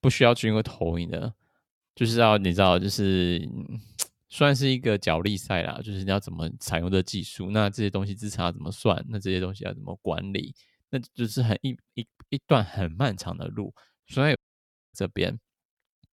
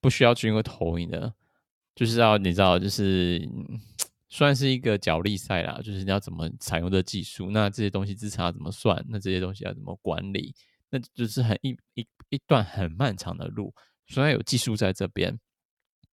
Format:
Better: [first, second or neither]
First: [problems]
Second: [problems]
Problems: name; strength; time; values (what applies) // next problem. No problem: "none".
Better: second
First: audio cutting out; at 14 s for 0.5 s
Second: none